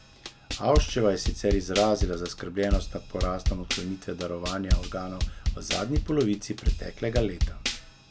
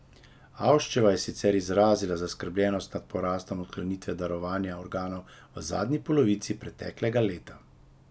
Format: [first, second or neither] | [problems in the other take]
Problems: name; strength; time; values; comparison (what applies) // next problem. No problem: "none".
second | background sound (Drum kit); as loud as the speech